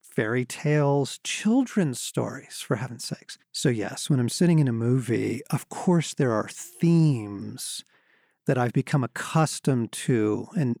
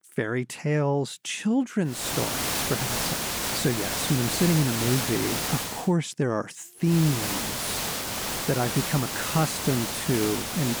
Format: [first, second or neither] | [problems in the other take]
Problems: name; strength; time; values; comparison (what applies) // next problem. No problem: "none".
first | hiss; loud; from 2 to 5.5 s and from 7 s on; as loud as the speech